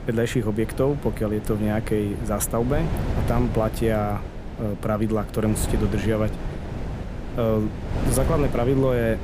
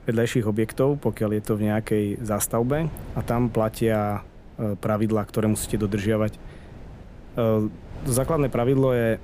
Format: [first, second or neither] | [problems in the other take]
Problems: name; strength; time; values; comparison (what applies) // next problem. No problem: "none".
second | wind noise on the microphone; heavy; 10 dB below the speech; occasional gusts in the second